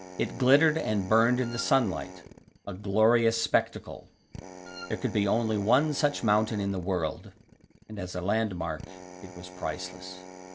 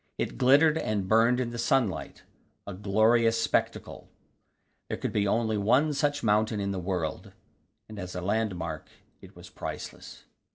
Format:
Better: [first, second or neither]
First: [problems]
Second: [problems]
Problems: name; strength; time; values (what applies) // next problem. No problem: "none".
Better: second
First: background sound (Drill + Wind instrument, woodwind instrument); 17 dB below the speech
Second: none